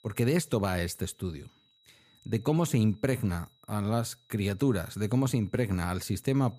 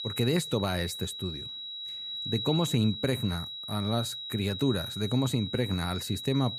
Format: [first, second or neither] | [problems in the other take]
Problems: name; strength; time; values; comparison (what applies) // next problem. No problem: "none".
first | high-pitched whine; loud; throughout; 4 kHz, 5 dB below the speech; faint in the first